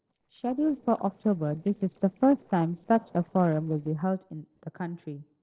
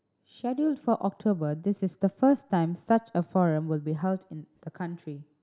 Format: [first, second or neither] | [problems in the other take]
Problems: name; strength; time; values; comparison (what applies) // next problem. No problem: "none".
second | noise reduction (neural separator model SepFormer DNS4)